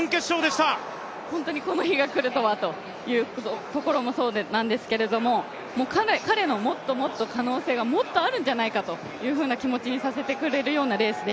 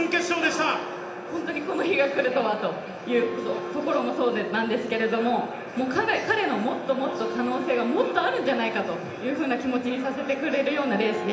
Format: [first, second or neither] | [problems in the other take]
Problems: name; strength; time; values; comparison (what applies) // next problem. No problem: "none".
first | background sound (Wind instrument, woodwind instrument); 13 dB below the speech // room echo; dies away in 0.8 s